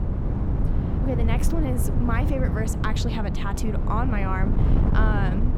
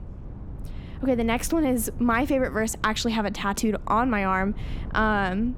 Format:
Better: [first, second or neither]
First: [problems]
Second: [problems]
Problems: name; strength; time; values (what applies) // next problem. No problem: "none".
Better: second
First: wind noise on the microphone; heavy; 4 dB below the speech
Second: wind noise on the microphone; occasional gusts; 25 dB below the speech